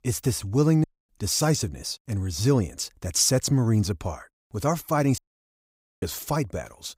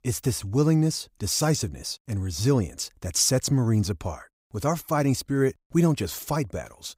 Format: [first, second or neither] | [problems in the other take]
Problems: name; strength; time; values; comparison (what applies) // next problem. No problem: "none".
second | audio cutting out; at 1 s and at 5 s for 1 s